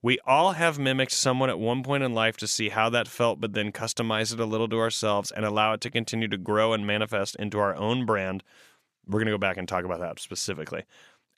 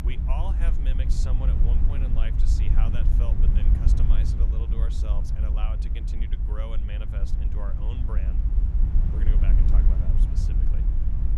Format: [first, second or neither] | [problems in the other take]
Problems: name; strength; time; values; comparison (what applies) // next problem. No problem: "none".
first | low rumble; loud; throughout; as loud as the speech